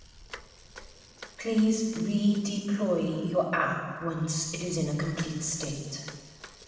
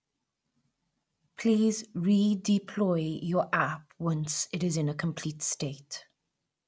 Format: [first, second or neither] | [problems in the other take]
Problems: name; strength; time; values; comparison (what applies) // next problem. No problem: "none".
second | background sound (Bicycle); 20 dB below the speech // room echo; dies away in 1.5 s